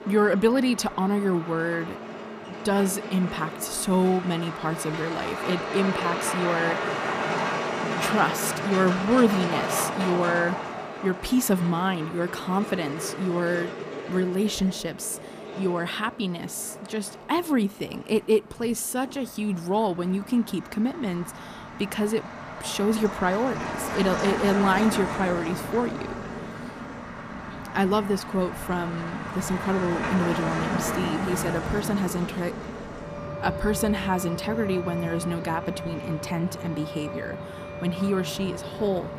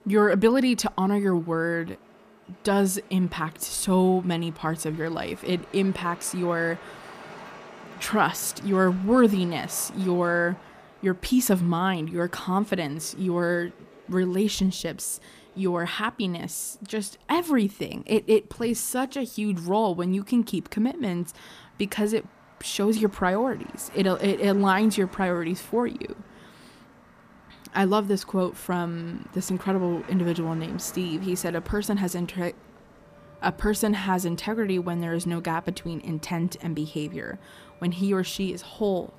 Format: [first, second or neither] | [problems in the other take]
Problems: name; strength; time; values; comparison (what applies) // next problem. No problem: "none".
second | traffic noise; loud; throughout; 5 dB below the speech; faint in the second